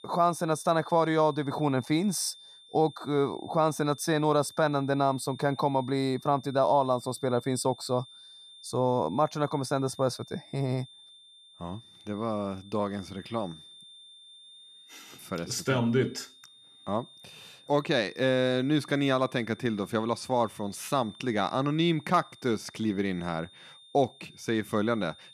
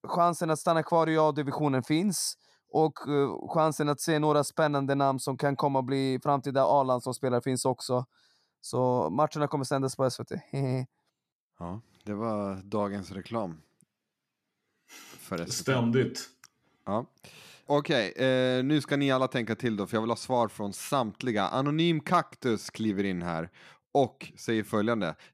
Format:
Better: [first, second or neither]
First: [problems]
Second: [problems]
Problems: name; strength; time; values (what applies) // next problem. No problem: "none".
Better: second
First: high-pitched whine; faint; throughout; 3.5 kHz, 20 dB below the speech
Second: none